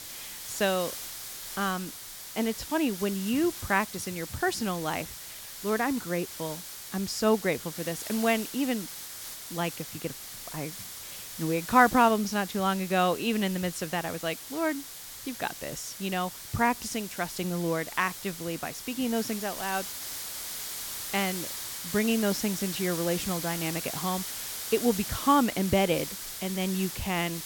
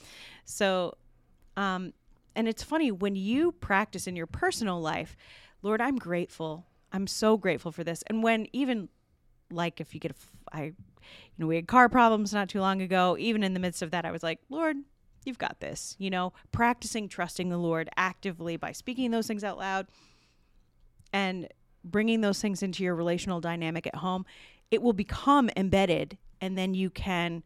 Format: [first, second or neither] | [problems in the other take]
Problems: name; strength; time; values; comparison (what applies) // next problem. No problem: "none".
second | hiss; loud; throughout; 7 dB below the speech